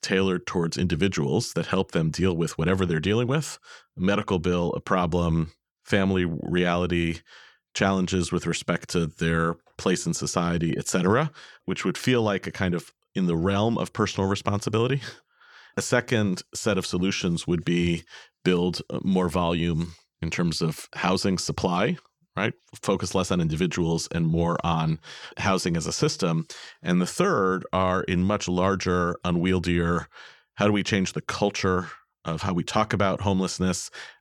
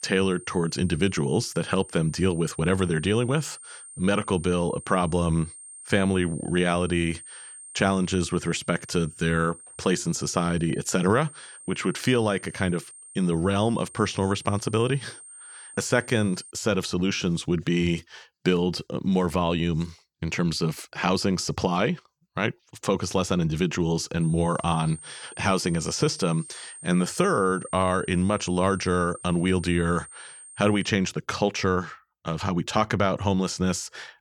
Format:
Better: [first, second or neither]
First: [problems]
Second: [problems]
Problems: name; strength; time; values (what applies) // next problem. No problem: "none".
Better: first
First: none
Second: high-pitched whine; noticeable; until 17 s and from 24 to 31 s; 8.5 kHz, 15 dB below the speech